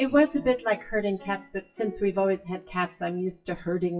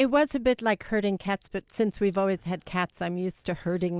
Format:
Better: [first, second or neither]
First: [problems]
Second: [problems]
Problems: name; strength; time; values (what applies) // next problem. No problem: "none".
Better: second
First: noise reduction (classical method WPE with log-MMSE)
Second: none